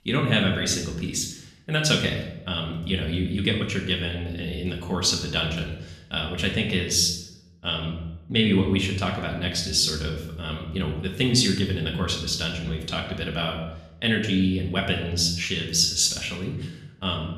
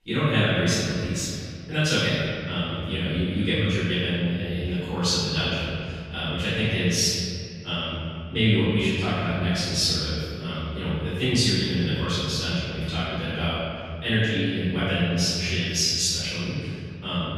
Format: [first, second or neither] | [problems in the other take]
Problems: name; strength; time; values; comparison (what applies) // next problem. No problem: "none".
first | room echo; strong; dies away in 2.3 s; slight in the first // off-mic speech; far; somewhat distant in the first